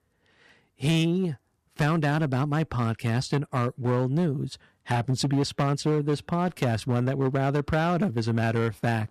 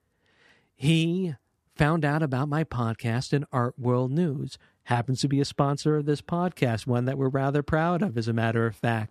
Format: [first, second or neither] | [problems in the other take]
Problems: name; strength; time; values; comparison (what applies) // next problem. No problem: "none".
second | distortion; slight; 10% of the sound clipped